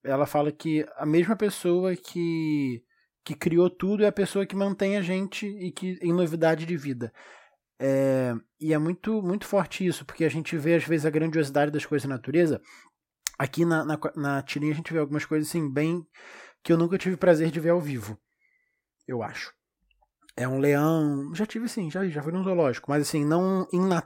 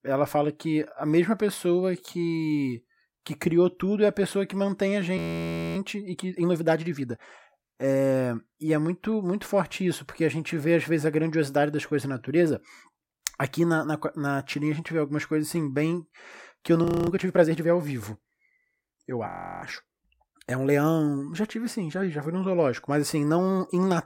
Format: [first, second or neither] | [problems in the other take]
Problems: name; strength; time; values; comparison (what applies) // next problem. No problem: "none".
first | audio freezing; at 5 s for 0.5 s, at 17 s and at 19 s